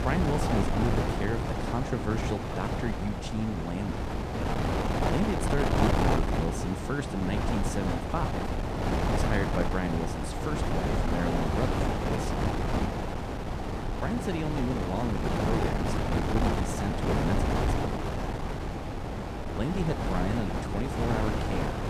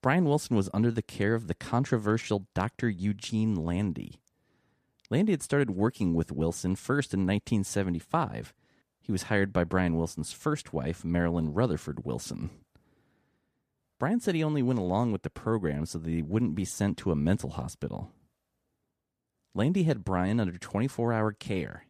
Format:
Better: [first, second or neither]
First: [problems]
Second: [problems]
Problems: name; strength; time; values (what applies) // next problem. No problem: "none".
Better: second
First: wind noise on the microphone; heavy; 4 dB above the speech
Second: none